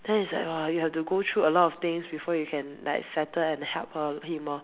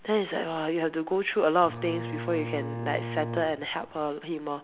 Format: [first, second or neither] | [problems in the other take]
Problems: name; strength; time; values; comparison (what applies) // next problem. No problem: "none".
first | background sound (Bowed string instrument); 8 dB below the speech